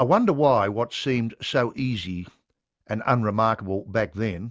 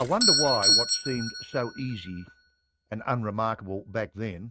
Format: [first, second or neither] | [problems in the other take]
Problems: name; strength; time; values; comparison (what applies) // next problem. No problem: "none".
first | noise reduction (neural mask model RNNoise)